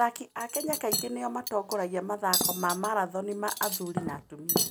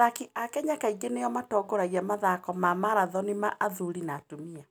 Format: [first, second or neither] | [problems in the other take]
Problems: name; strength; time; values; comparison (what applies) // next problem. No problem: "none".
second | background sound (Cutlery, silverware); 2 dB below the speech